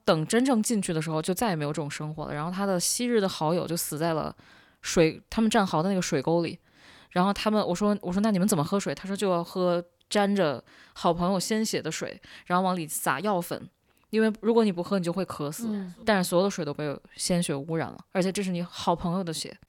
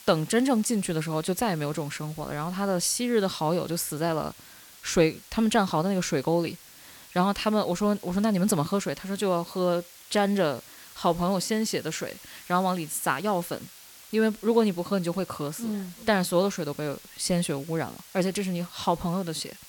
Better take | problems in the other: first | hiss; noticeable; throughout; 20 dB below the speech

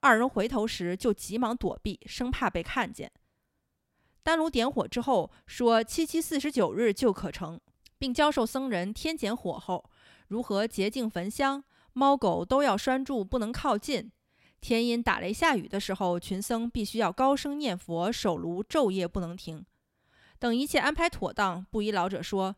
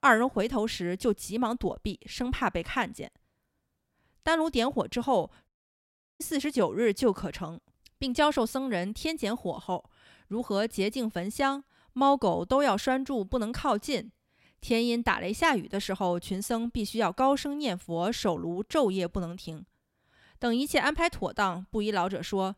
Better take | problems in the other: first | audio cutting out; at 5.5 s for 0.5 s

